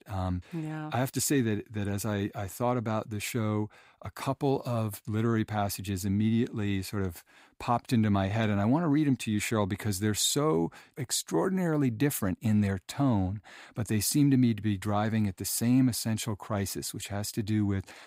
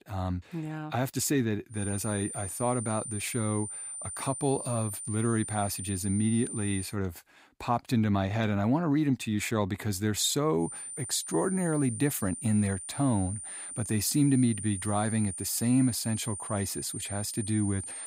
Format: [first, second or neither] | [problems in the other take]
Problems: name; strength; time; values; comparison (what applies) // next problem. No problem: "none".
first | high-pitched whine; loud; from 2 to 7 s and from 11 s on; 9 kHz, 7 dB below the speech